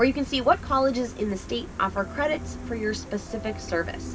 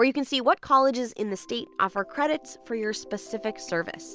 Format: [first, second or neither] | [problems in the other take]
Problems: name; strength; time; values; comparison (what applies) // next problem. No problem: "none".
second | background sound (Gull, seagull); 11 dB below the speech // room echo; dies away in 0.4 s